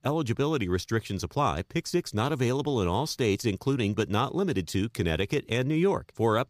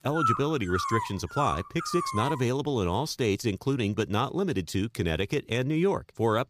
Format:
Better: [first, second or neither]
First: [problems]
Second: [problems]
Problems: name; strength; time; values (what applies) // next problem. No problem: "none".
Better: first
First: none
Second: dog barking; loud; until 2.5 s; peak 1 dB above the speech